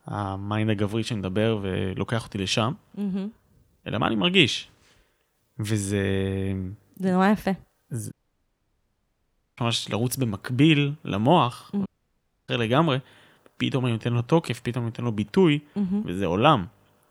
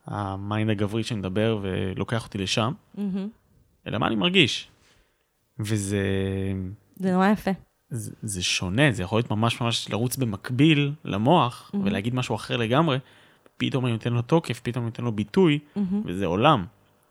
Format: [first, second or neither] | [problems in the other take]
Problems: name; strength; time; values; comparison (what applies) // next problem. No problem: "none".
second | audio cutting out; at 8 s for 1.5 s and at 12 s for 0.5 s